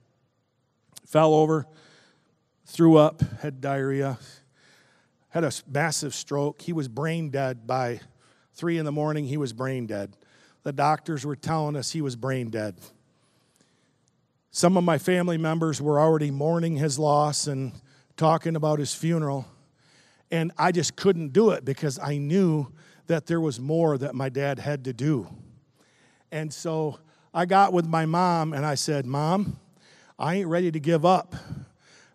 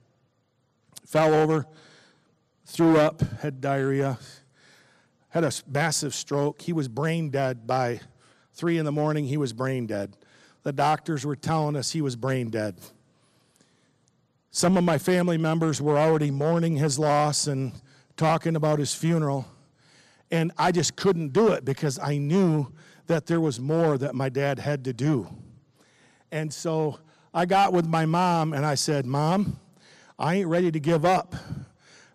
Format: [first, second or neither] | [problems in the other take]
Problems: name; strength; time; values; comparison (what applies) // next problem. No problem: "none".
first | distortion; slight; 4% of the sound clipped